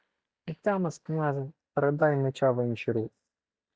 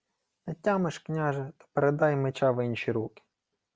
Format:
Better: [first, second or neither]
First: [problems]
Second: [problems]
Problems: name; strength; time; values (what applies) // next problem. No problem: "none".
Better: second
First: noise reduction (neural mask model DeepFilterNet 3)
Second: none